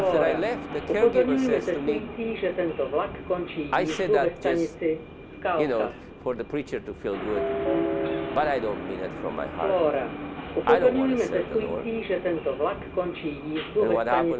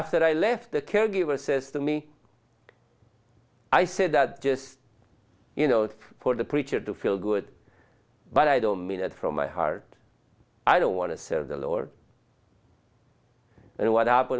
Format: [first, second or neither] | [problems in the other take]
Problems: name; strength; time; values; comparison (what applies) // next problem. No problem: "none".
second | background sound (Subway, metro, underground); 4 dB above the speech